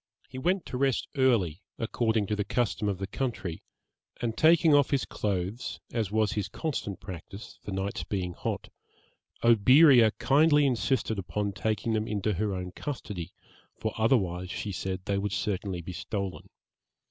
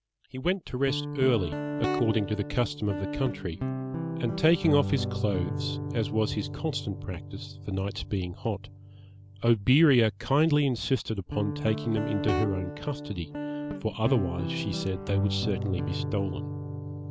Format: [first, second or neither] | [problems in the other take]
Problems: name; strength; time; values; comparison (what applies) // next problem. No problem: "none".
first | background sound (Guitar); 5 dB below the speech